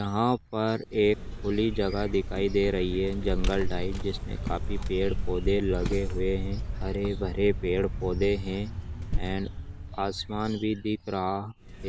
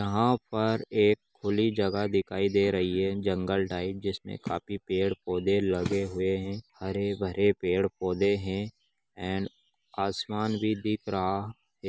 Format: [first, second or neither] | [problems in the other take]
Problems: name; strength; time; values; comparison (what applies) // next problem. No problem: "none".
second | background sound (Vehicle); 3 dB below the speech